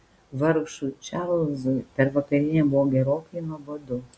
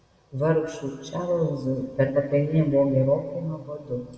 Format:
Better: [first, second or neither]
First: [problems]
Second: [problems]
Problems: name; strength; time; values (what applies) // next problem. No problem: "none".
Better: first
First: none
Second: room echo; dies away in 1.7 s